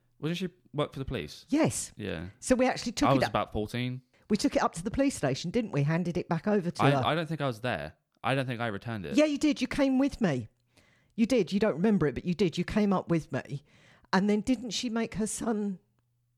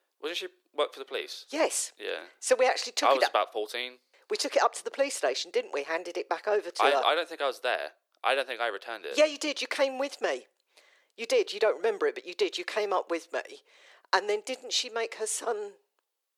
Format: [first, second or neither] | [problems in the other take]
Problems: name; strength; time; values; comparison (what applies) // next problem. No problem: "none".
first | thin; very; fading below 400 Hz